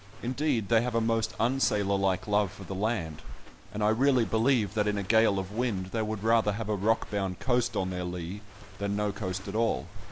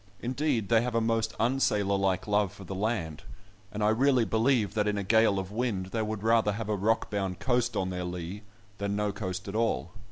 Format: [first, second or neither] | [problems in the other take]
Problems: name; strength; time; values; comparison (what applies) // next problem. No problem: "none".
second | background sound (Walk, footsteps); 19 dB below the speech